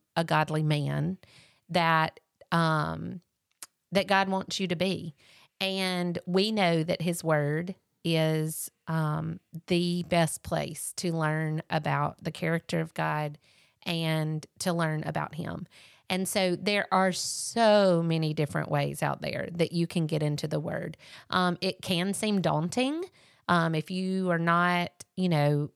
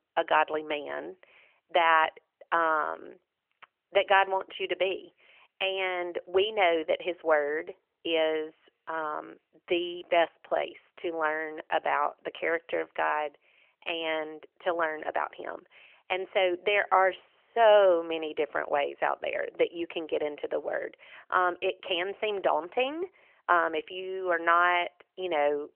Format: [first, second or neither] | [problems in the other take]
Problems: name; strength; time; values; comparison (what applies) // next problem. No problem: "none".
first | phone-call audio; nothing above 3 kHz